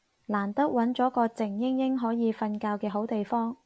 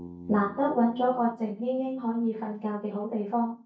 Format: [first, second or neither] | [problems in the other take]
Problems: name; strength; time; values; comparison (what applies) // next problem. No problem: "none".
first | noise reduction (neural mask model DeepFilterNet 3)